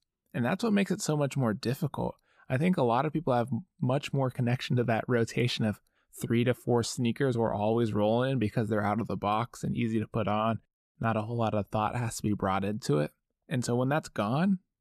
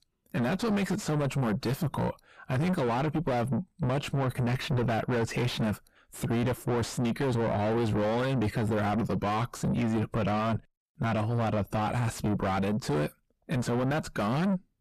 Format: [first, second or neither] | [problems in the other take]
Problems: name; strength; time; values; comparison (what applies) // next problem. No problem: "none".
first | distortion; heavy; 5 dB below the speech